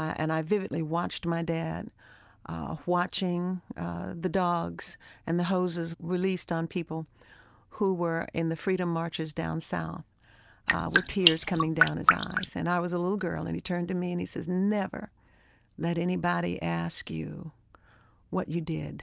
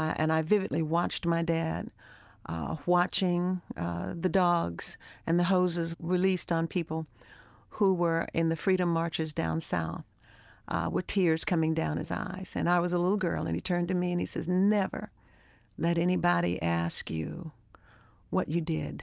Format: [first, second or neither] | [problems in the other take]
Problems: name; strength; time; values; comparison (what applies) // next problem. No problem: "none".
second | background sound (Drip); 3 dB above the speech